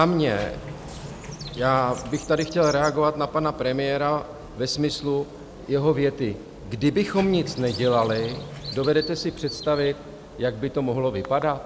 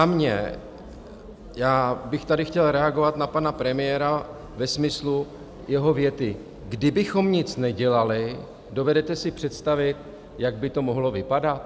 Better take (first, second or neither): second